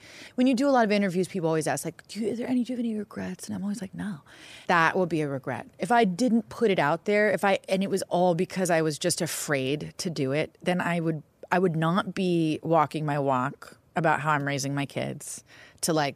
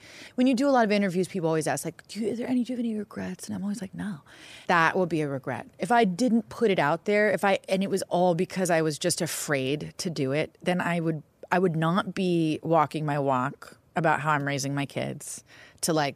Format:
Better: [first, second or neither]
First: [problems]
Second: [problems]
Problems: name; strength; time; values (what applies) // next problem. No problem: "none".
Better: neither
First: none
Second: none